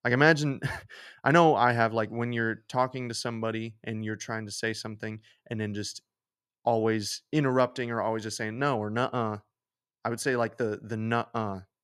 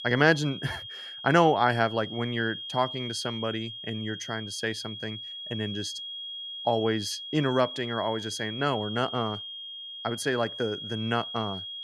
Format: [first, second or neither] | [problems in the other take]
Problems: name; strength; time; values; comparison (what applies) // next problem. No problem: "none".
first | high-pitched whine; loud; throughout; 3.5 kHz, 8 dB below the speech